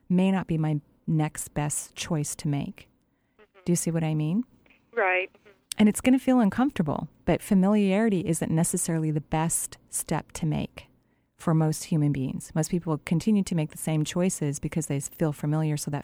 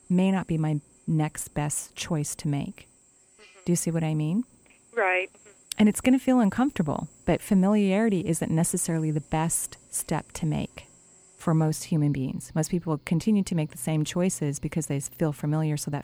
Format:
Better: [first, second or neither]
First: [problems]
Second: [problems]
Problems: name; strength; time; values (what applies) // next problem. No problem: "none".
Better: first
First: none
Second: machinery noise; faint; throughout; 30 dB below the speech